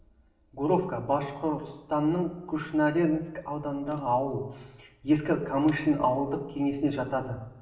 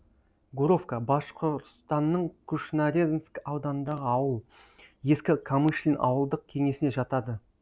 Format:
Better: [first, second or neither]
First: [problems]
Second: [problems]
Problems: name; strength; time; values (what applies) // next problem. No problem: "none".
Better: second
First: room echo; dies away in 0.9 s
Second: none